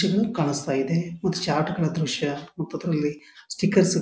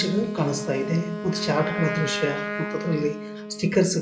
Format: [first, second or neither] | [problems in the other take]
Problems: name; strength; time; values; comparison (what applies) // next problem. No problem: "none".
first | background sound (Wind instrument, woodwind instrument); 6 dB below the speech // room echo; dies away in 2.8 s